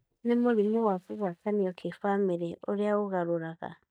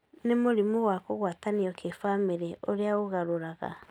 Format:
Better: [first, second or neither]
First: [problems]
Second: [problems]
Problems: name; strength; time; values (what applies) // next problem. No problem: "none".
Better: second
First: noise reduction (neural mask model DeepFilterNet 3)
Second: none